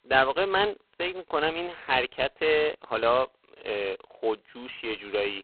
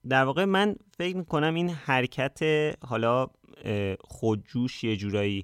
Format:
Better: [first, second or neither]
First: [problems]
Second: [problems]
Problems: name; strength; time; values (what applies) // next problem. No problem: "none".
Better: second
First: phone-call audio; poor line; nothing above 4 kHz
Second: none